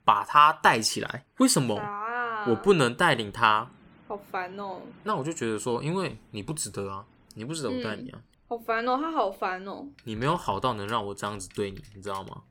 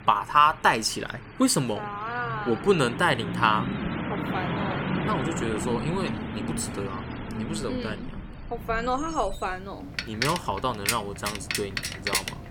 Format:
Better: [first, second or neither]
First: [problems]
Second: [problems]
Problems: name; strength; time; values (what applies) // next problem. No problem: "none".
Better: first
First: traffic noise; faint; throughout; 30 dB below the speech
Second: traffic noise; loud; throughout; 5 dB below the speech